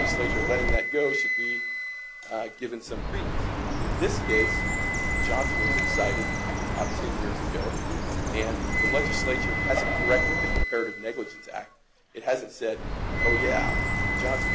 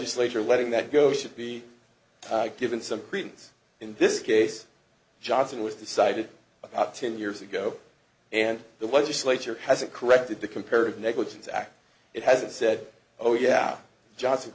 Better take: second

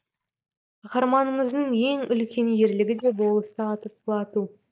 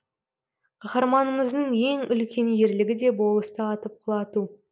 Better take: second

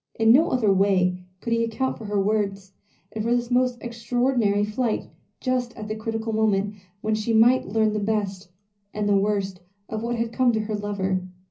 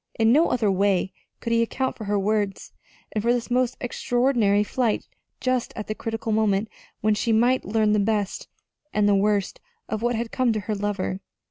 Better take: second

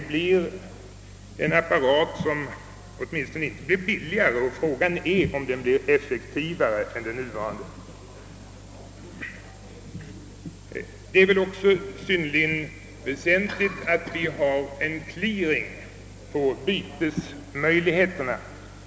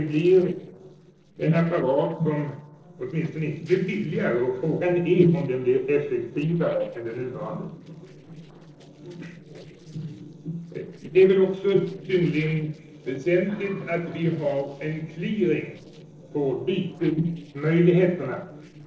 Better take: first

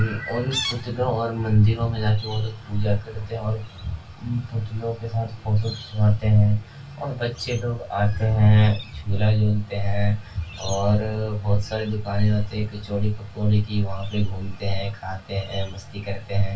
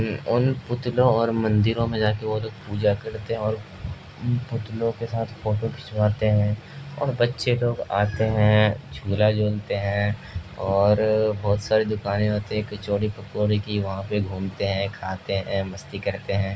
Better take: second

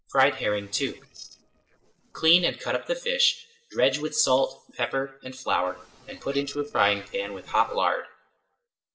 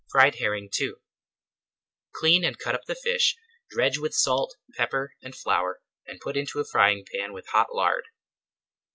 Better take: second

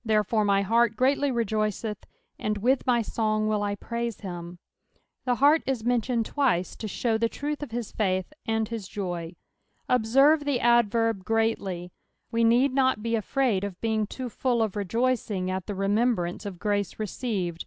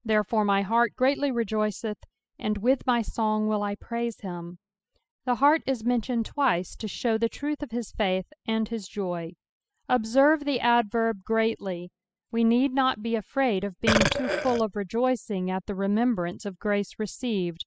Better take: first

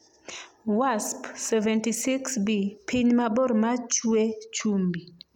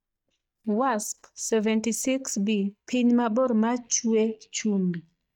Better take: first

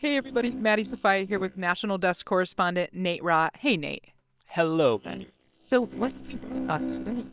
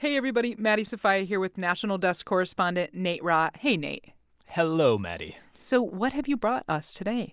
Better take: second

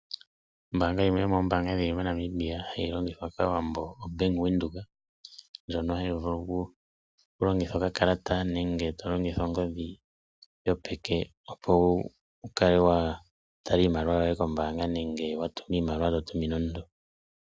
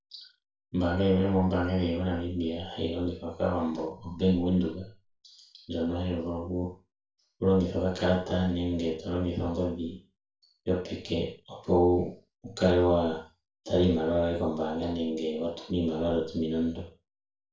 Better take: first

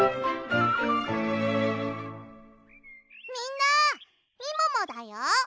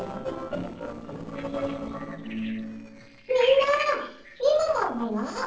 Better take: first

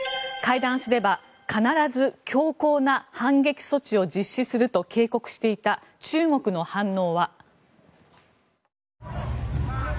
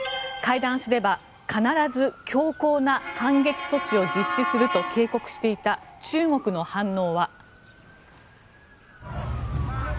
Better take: first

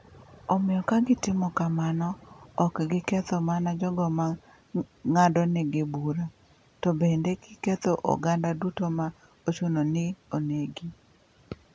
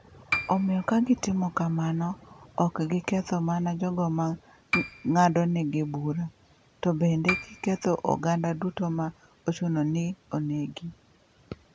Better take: first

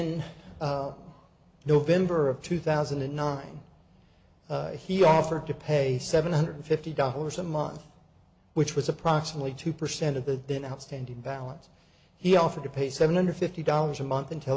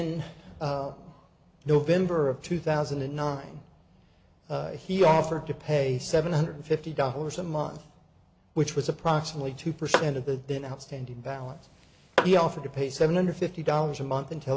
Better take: first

